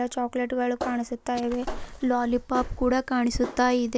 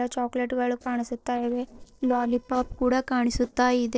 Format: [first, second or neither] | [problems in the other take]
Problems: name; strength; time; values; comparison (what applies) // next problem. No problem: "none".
first | noise reduction (neural separator model SepFormer DNS4)